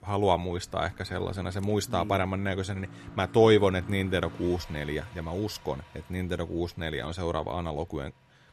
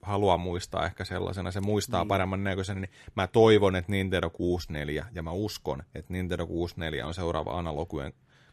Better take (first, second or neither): second